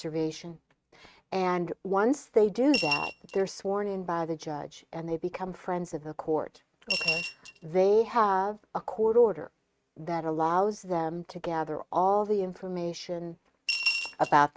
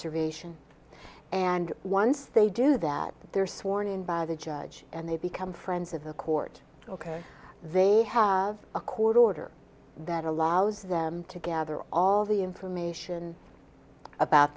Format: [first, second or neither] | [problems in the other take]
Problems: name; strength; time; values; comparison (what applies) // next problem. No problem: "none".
second | noise reduction (neural mask model RNNoise)